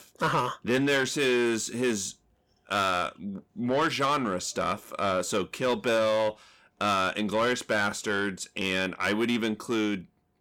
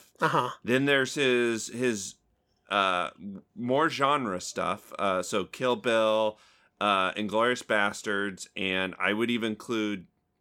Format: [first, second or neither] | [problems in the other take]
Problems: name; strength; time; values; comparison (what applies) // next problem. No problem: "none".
second | distortion; slight; 10 dB below the speech